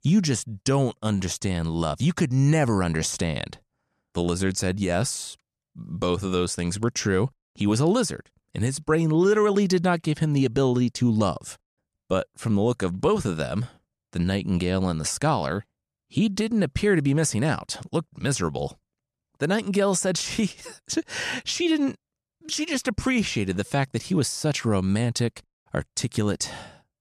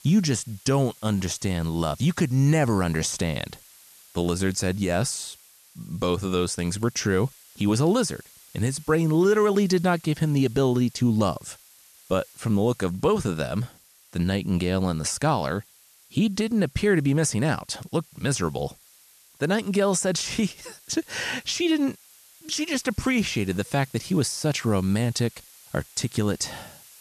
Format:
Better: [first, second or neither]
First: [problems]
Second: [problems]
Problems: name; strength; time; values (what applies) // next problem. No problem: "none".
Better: first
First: none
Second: hiss; faint; throughout; 25 dB below the speech